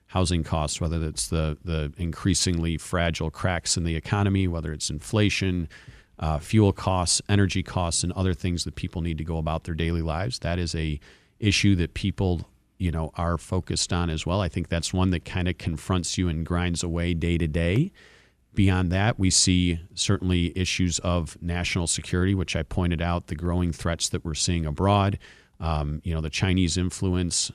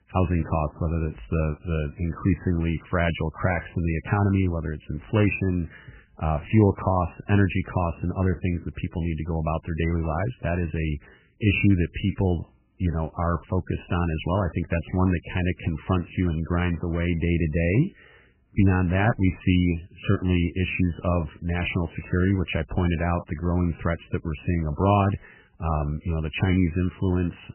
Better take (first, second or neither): first